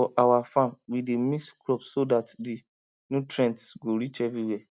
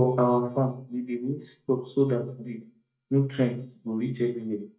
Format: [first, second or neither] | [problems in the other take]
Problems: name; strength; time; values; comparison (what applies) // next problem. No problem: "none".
first | noise reduction (neural mask model DeepFilterNet 3)